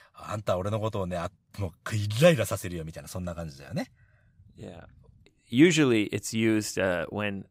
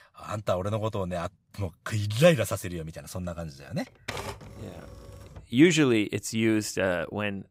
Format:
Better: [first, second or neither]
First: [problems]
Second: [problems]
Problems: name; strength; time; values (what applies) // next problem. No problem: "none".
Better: first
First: none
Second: keyboard typing; noticeable; from 4 to 5.5 s; peak 9 dB below the speech